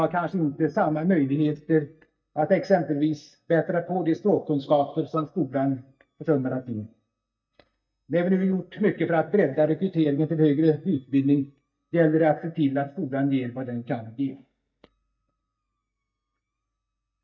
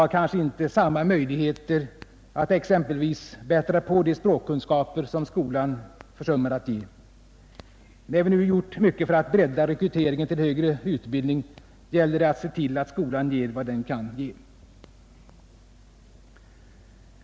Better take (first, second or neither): second